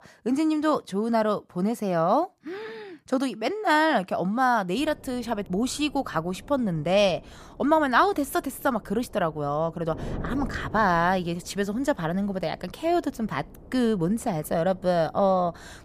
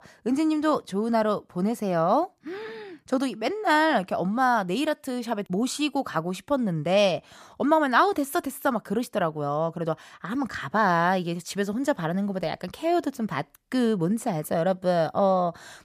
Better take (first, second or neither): second